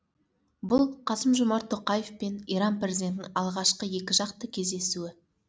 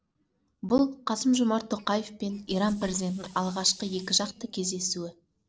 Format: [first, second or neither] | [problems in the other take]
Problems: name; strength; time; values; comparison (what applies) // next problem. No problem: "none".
first | noise reduction (neural separator model SepFormer DNS4)